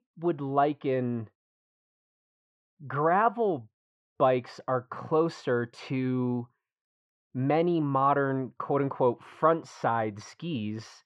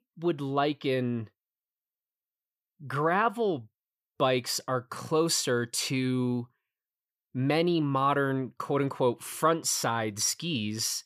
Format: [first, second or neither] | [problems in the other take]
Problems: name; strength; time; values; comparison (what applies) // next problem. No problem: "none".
second | muffled; very; fading above 2 kHz